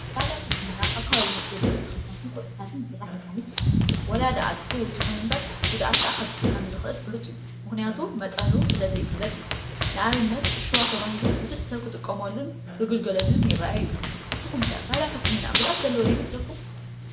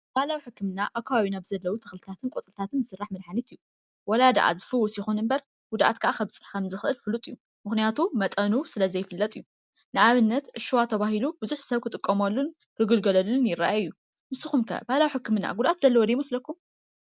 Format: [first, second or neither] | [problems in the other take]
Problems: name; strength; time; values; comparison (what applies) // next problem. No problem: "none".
second | background sound (Run); 3 dB above the speech // room echo; dies away in 0.5 s